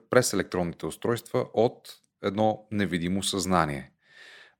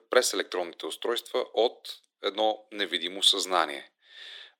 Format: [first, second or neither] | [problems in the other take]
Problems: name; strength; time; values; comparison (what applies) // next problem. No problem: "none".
first | thin; very; fading below 350 Hz